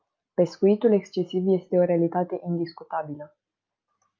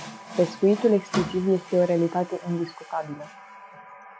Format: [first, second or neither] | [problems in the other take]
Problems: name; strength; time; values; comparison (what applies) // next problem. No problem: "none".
first | background sound (Water tap, faucet); 12 dB below the speech